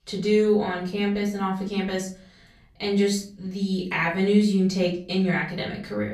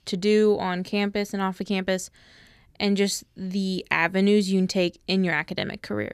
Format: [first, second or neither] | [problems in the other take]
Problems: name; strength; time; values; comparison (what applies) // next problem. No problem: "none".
second | off-mic speech; far // room echo; slight; dies away in 0.4 s